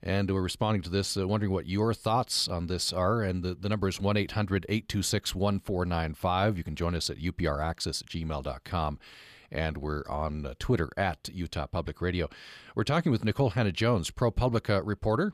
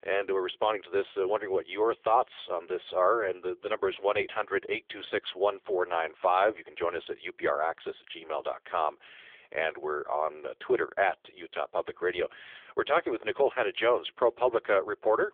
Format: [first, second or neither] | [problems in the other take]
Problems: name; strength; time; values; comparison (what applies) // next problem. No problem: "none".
first | phone-call audio; poor line; nothing above 3.5 kHz